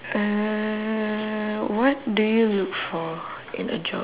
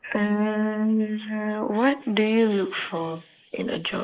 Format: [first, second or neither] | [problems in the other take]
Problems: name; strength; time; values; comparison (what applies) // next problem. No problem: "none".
first | noise reduction (neural mask model Resemble Enhance denoiser)